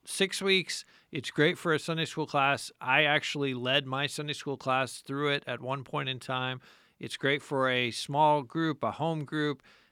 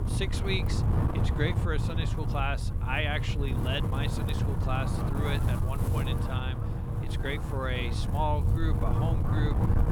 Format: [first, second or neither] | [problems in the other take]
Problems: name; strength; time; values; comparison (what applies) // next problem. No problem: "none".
first | wind noise on the microphone; heavy; 4 dB below the speech